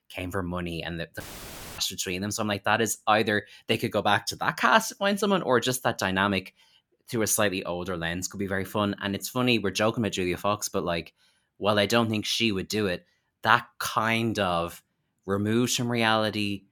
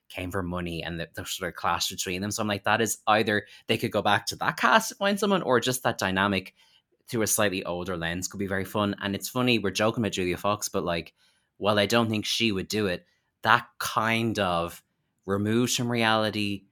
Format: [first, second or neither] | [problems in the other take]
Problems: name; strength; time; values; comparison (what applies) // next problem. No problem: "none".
second | audio cutting out; filled with static; at 1 s for 0.5 s